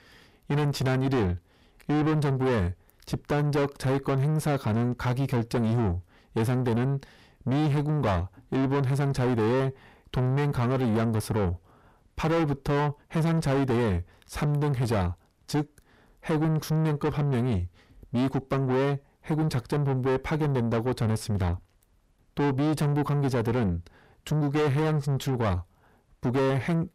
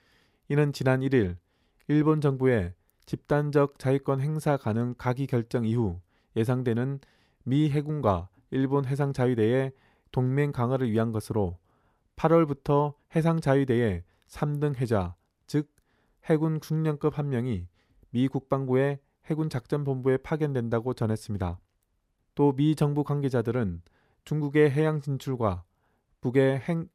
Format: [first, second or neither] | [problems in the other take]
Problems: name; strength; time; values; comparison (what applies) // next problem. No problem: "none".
second | distortion; heavy; 5 dB below the speech